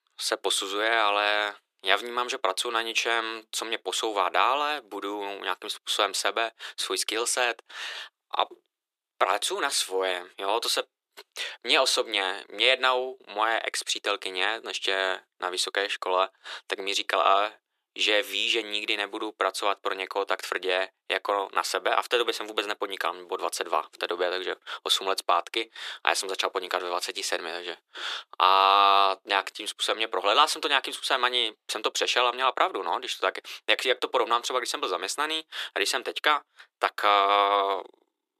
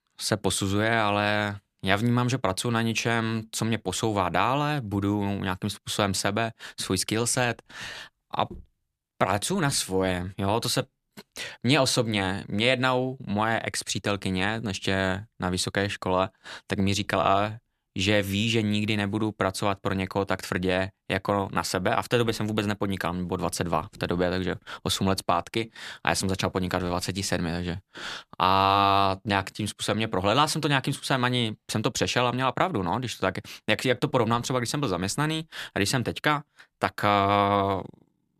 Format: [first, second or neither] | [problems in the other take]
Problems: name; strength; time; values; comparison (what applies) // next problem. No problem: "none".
second | thin; very; fading below 350 Hz